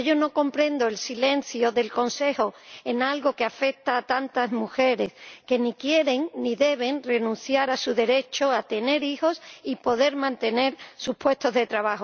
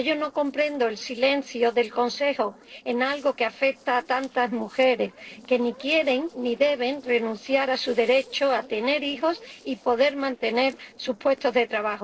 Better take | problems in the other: first | noise reduction (neural separator model SepFormer DNS4)

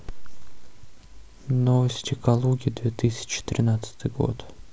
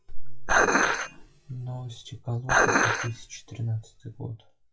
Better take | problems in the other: first | noise reduction (classical method WPE with log-MMSE)

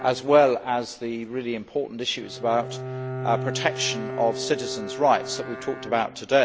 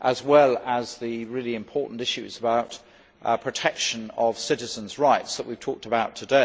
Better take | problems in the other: second | background sound (Bowed string instrument); 10 dB below the speech

